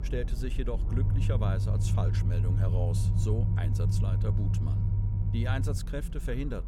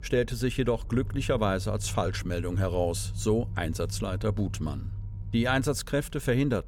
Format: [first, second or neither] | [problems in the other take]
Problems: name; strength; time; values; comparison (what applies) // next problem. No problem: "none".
second | low rumble; loud; throughout; 2 dB below the speech; faint in the second